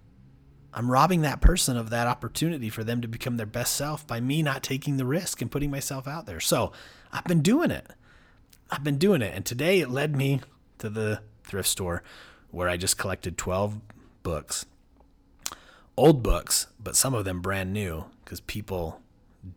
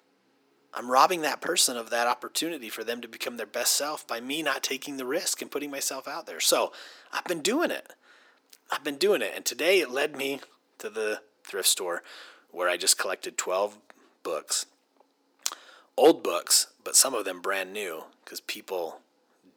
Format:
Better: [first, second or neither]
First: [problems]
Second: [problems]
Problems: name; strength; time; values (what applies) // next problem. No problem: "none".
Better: first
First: none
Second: thin; somewhat; fading below 350 Hz